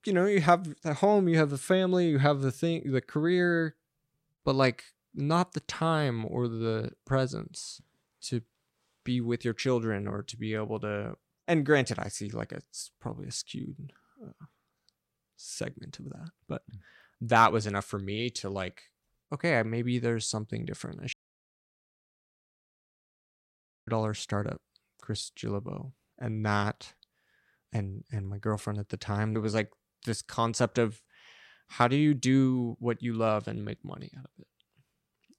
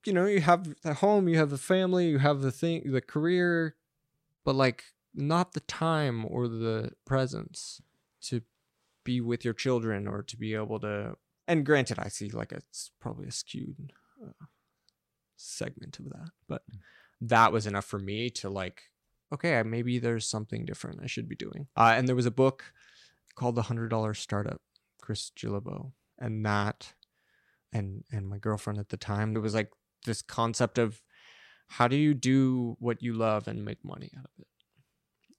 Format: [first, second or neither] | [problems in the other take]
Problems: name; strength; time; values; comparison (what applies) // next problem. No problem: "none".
second | audio cutting out; at 21 s for 2.5 s